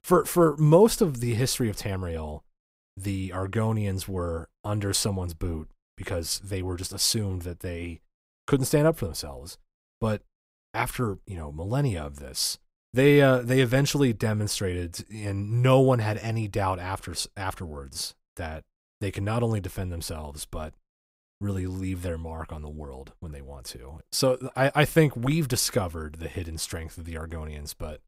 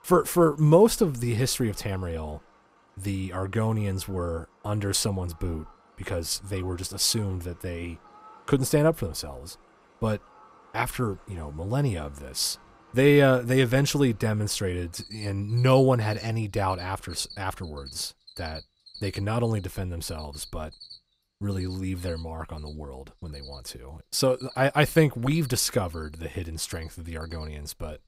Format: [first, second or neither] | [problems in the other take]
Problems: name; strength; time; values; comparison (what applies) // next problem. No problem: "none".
first | animal sounds; faint; throughout; 25 dB below the speech